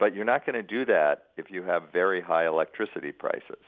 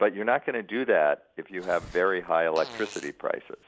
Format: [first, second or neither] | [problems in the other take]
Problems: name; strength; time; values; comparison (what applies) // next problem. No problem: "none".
first | background sound (Fart); 19 dB below the speech